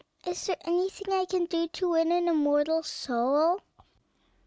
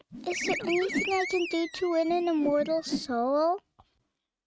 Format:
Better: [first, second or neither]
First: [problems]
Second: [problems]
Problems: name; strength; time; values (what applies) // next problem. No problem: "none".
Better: first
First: none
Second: noise reduction (neural mask model RNNoise)